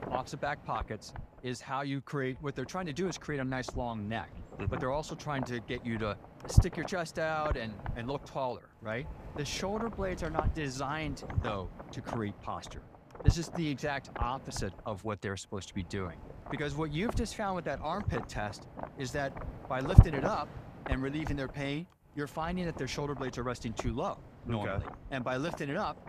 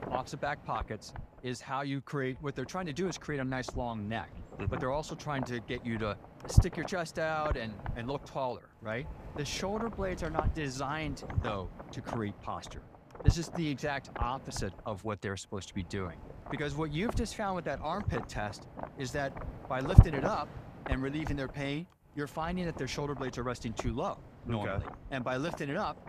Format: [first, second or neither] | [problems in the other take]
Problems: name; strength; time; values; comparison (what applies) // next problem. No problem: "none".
neither | wind noise on the microphone; heavy; 8 dB below the speech; the same in both